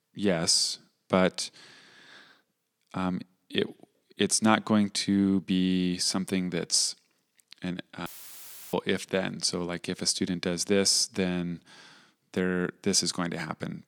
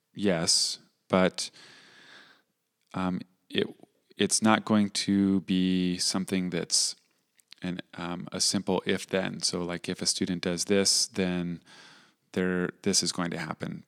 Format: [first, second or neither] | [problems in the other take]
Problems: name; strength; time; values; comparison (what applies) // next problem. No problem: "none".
second | audio cutting out; filled with static; at 8 s for 0.5 s